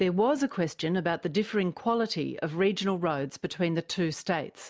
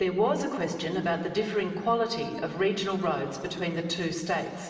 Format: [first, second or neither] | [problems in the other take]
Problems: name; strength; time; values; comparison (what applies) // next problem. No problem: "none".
first | room echo; dies away in 2.7 s